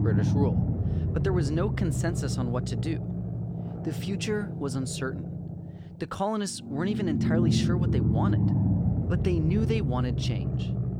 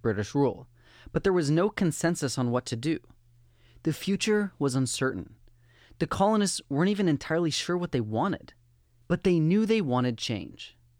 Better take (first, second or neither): second